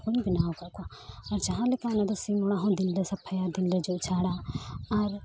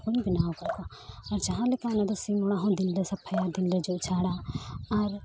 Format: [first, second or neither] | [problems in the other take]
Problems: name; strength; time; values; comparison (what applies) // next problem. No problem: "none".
first | background sound (Drip); 14 dB below the speech